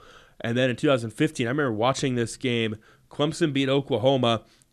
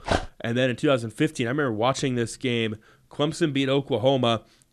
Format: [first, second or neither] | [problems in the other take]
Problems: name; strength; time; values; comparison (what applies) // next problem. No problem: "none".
first | dog barking; noticeable; at the start; peak 3 dB below the speech